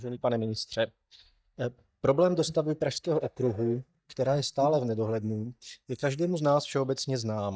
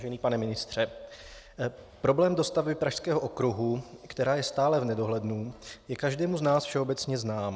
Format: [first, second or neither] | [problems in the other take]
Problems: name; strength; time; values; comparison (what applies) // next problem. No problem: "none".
second | noise reduction (neural mask model DeepFilterNet 3)